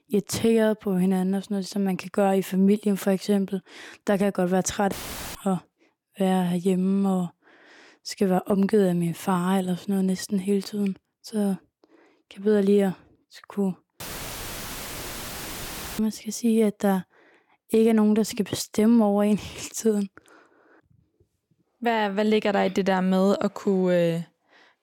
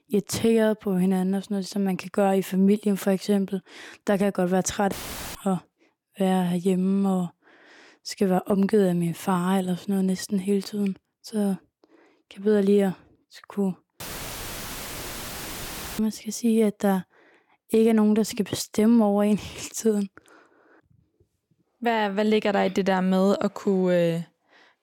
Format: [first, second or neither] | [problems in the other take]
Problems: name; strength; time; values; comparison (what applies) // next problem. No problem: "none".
neither | audio cutting out; filled with static; at 5 s and at 14 s for 2 s; the same in both